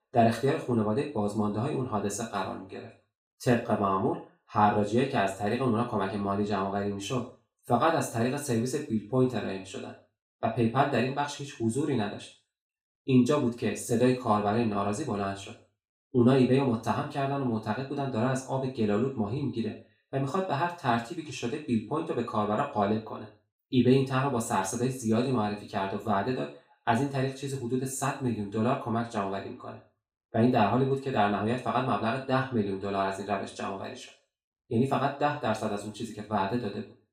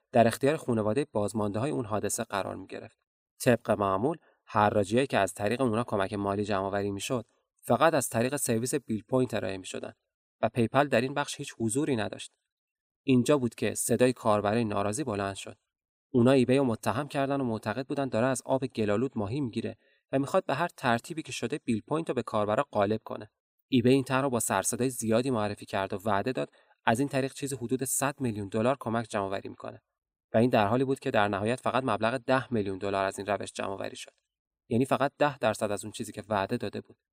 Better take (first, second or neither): second